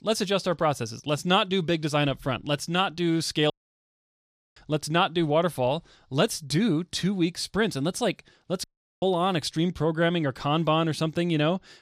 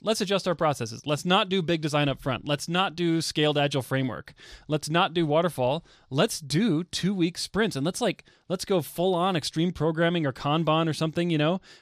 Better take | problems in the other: second | audio cutting out; at 3.5 s for 1 s and at 8.5 s

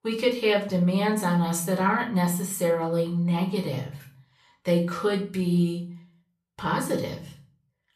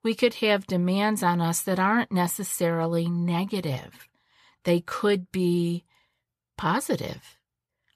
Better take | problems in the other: second | room echo; slight; dies away in 0.4 s // off-mic speech; far

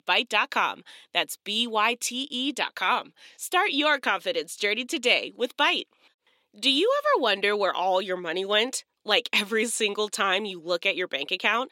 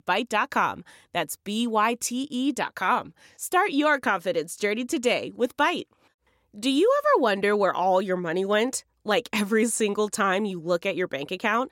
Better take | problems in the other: second | thin; very slightly; fading below 300 Hz

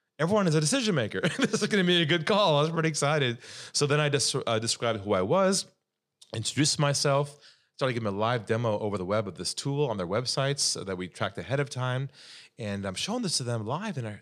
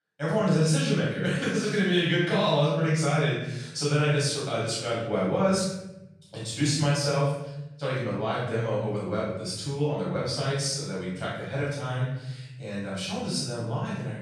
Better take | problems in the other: first | off-mic speech; far // room echo; strong; dies away in 1 s

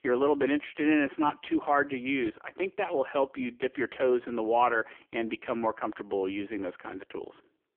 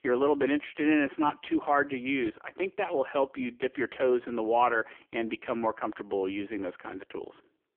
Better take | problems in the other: neither | phone-call audio; poor line; nothing above 3 kHz; the same in both

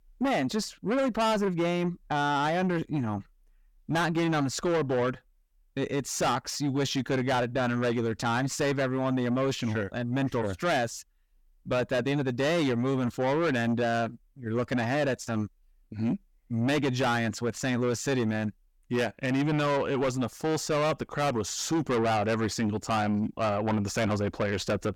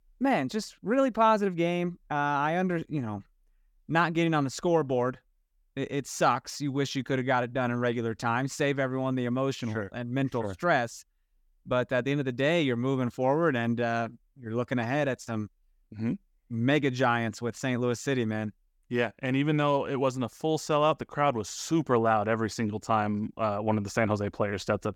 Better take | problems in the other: second | distortion; heavy; 7 dB below the speech

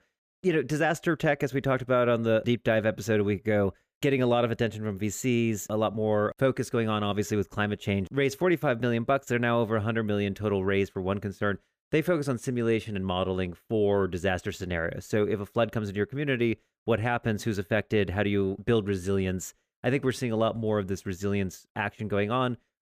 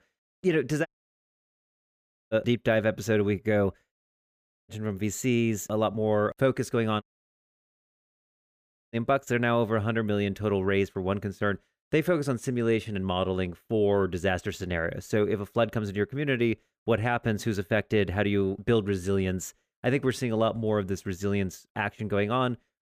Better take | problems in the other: first | audio cutting out; at 1 s for 1.5 s, at 4 s for 0.5 s and at 7 s for 2 s

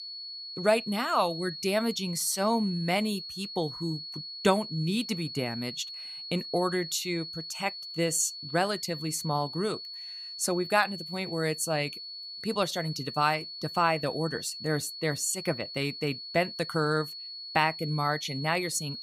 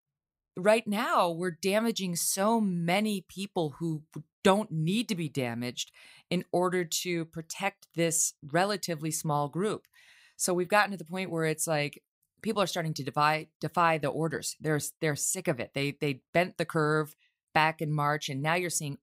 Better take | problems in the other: second | high-pitched whine; loud; throughout; 4.5 kHz, 8 dB below the speech

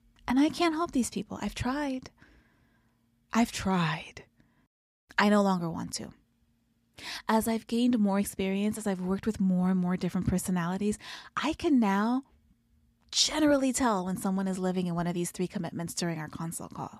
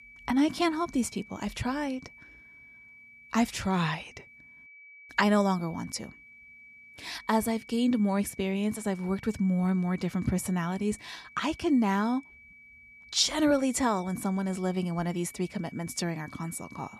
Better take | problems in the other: first | high-pitched whine; faint; throughout; 2.5 kHz, 20 dB below the speech

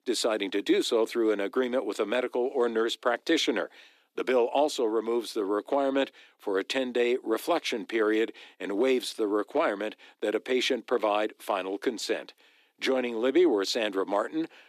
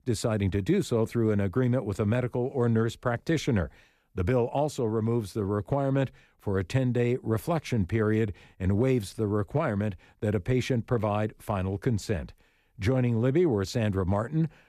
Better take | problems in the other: second | thin; somewhat; fading below 300 Hz

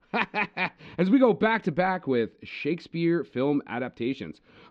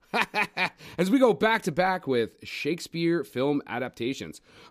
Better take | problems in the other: second | muffled; slightly; fading above 3.5 kHz

